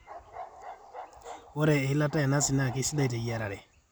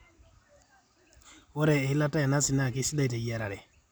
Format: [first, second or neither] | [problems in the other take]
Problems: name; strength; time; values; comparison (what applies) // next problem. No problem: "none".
second | background sound (Bark); 16 dB below the speech